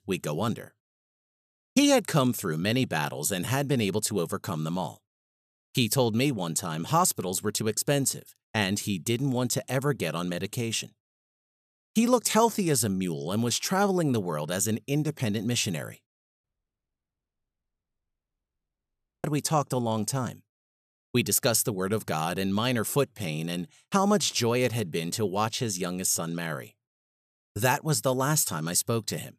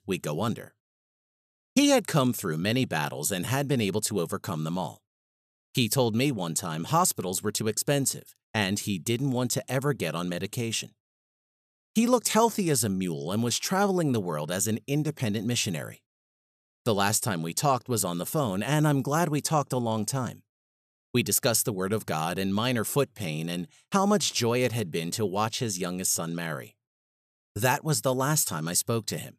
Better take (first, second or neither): second